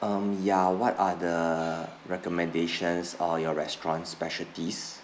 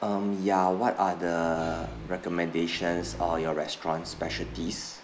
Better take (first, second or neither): first